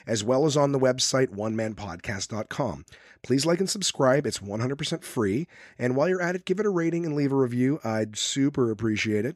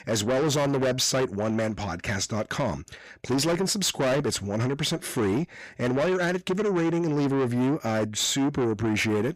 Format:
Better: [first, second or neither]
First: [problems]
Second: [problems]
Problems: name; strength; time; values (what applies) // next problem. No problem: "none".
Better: first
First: none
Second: distortion; heavy; 7 dB below the speech